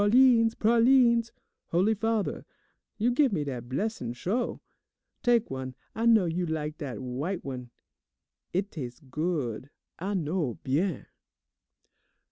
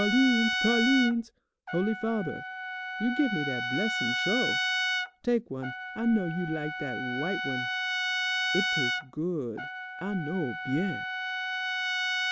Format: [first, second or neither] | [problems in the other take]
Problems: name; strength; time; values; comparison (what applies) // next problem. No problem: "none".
first | background sound (Trumpet); 1 dB below the speech